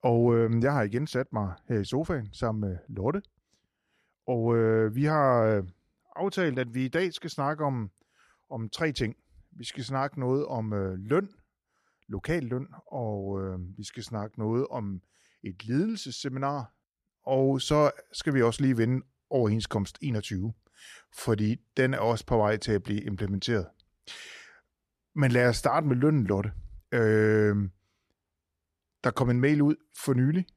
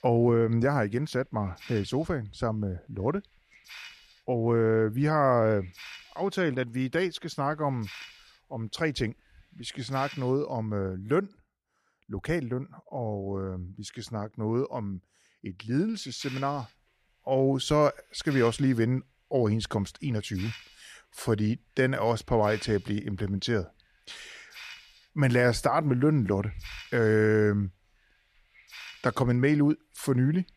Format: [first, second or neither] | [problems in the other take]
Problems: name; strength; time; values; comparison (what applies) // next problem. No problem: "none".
first | hiss; noticeable; until 10 s and from 16 s on; 20 dB below the speech